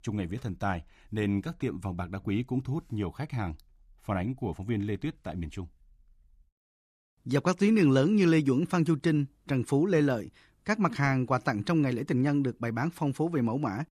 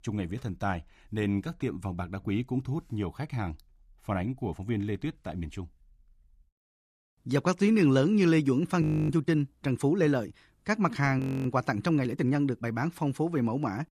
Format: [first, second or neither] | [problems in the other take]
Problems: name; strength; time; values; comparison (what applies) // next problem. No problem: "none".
first | audio freezing; at 9 s and at 11 s